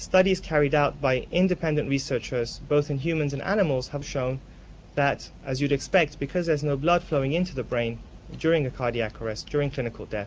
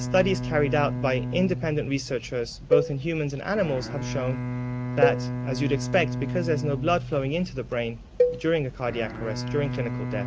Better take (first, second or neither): first